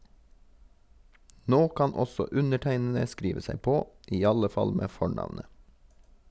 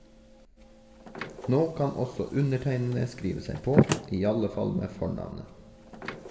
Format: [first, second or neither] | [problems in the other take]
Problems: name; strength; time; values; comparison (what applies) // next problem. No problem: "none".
first | background sound (Slam); 4 dB below the speech // room echo; dies away in 1.4 s